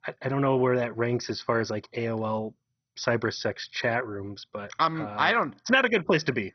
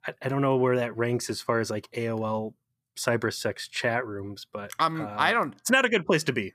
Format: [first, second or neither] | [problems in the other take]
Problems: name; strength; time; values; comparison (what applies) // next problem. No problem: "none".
second | garbled, watery; badly; nothing above 6 kHz